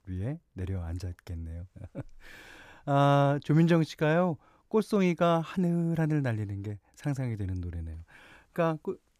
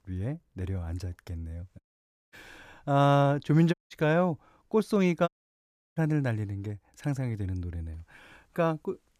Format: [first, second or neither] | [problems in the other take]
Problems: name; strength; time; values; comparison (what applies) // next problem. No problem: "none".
first | audio cutting out; at 2 s for 0.5 s, at 3.5 s and at 5.5 s for 0.5 s